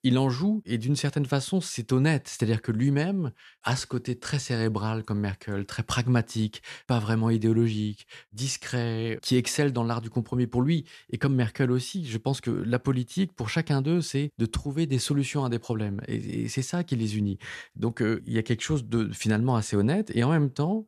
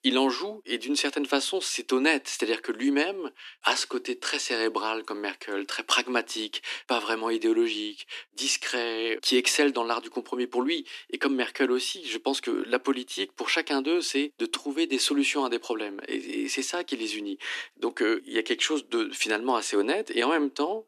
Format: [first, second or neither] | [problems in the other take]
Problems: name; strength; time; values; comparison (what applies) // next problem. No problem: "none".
first | thin; somewhat; fading below 250 Hz